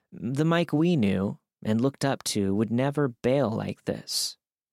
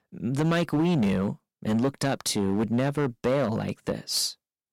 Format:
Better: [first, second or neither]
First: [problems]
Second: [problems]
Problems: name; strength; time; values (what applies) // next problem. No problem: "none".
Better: first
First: none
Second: distortion; slight; 9% of the sound clipped